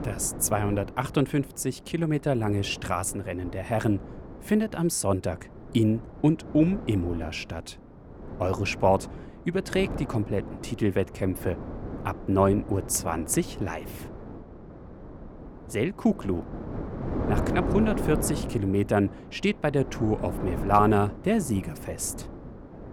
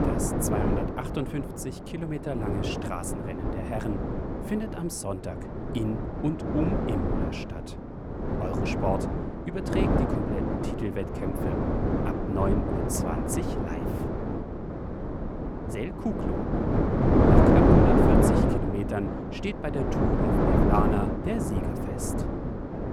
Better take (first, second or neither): first